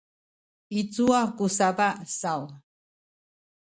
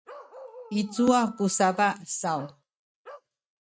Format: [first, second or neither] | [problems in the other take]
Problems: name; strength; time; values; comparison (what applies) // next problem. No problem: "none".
first | noise reduction (neural mask model RNNoise)